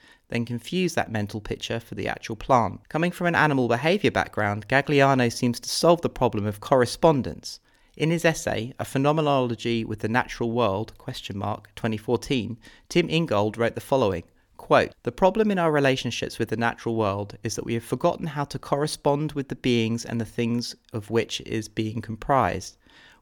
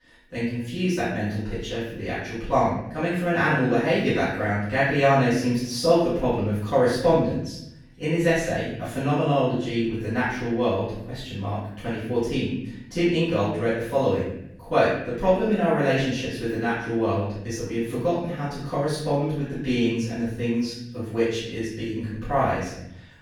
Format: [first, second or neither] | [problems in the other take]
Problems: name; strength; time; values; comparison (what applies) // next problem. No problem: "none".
first | off-mic speech; far // room echo; strong; dies away in 0.8 s